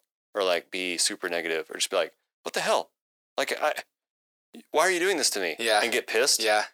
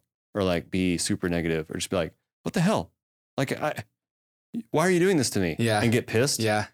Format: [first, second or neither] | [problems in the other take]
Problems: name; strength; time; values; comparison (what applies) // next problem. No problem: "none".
second | thin; very; fading below 450 Hz